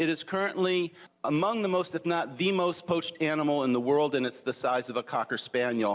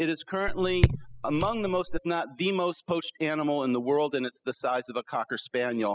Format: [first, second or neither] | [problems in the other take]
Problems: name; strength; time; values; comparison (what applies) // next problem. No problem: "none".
first | noise reduction (classical method spectral subtraction)